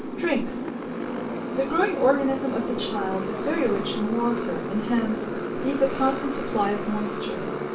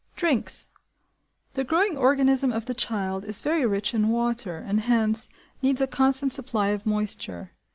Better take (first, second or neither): second